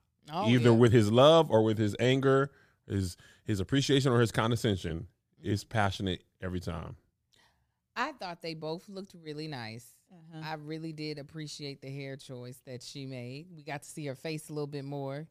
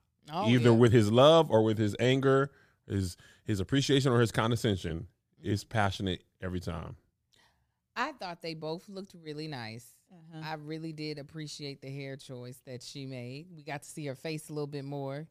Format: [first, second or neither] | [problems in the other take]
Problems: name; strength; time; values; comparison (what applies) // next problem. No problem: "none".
neither | none